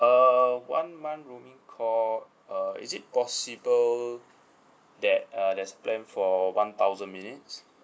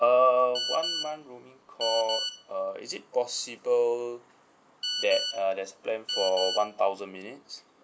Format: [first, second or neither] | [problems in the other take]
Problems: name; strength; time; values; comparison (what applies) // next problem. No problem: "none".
first | background sound (Telephone); 6 dB below the speech